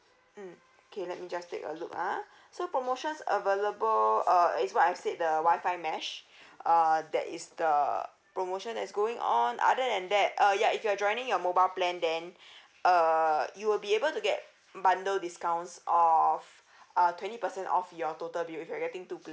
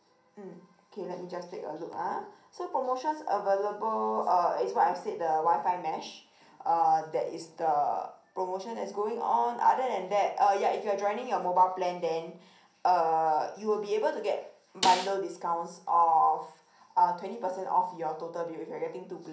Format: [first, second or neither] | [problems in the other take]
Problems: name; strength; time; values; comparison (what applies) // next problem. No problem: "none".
first | background sound (Snare drum); 7 dB below the speech // room echo; dies away in 0.6 s